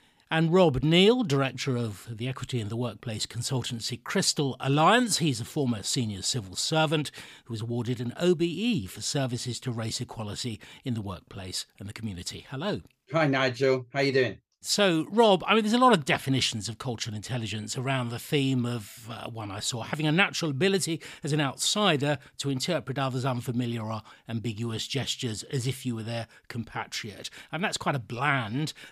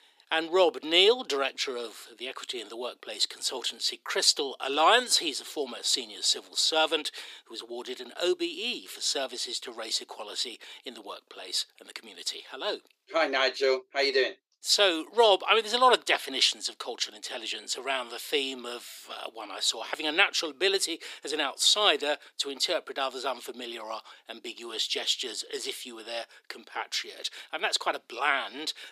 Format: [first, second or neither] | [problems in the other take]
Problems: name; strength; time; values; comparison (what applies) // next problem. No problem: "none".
first | thin; very; fading below 350 Hz